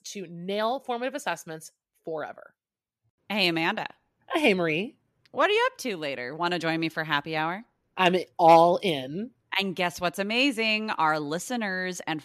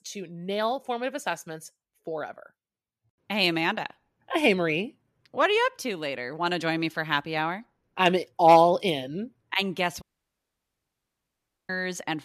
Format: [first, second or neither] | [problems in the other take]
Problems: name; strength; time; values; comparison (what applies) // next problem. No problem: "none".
first | audio cutting out; at 10 s for 1.5 s